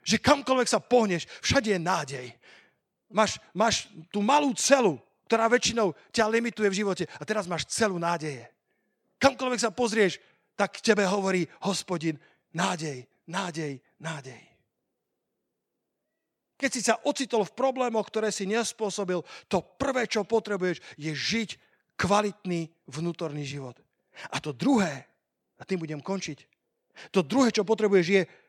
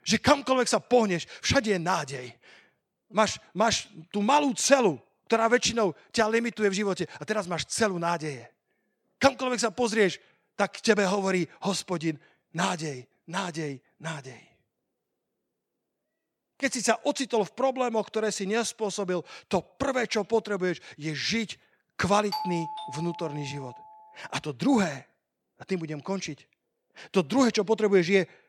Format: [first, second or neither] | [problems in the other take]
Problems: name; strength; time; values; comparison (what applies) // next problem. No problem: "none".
first | doorbell; noticeable; from 22 to 24 s; peak 6 dB below the speech